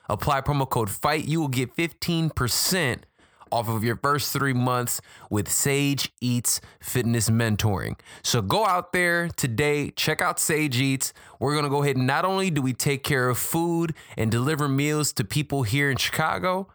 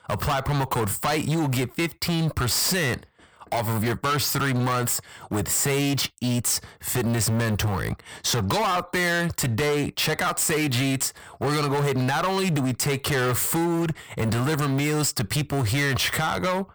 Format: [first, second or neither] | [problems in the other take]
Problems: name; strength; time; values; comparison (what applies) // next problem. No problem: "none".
first | distortion; heavy; 26% of the sound clipped